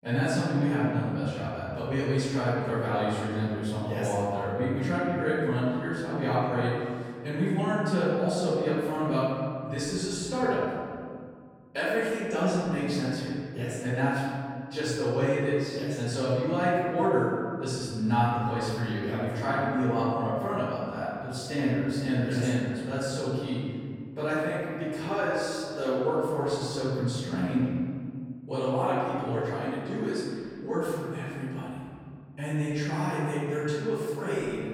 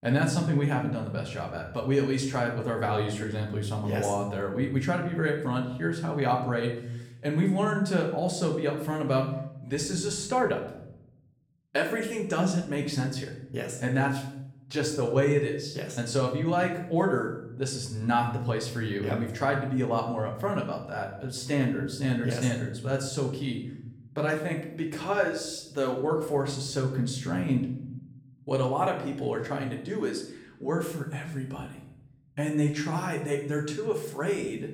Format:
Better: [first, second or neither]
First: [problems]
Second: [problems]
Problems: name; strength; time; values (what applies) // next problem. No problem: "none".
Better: second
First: room echo; strong; dies away in 2.2 s // off-mic speech; far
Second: room echo; slight; dies away in 0.8 s // off-mic speech; somewhat distant